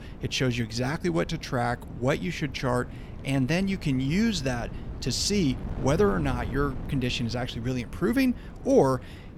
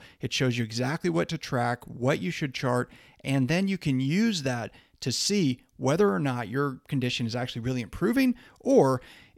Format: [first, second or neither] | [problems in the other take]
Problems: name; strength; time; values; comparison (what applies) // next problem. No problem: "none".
second | wind noise on the microphone; occasional gusts; 15 dB below the speech